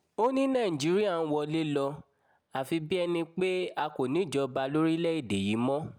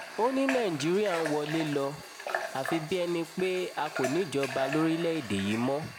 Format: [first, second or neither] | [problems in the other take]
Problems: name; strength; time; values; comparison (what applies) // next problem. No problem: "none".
first | background sound (Water tap, faucet / Water); 8 dB below the speech